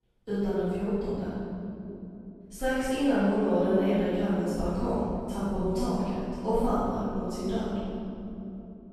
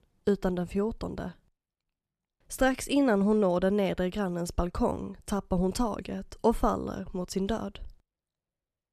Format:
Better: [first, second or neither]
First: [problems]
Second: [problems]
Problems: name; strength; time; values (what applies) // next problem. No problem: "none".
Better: second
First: room echo; strong; dies away in 3 s // off-mic speech; far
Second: none